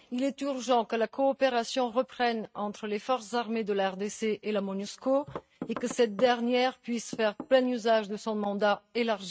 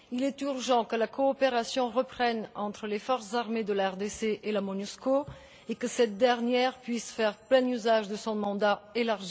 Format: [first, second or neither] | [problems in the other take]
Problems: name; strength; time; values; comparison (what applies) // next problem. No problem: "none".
second | noise reduction (neural mask model RNNoise)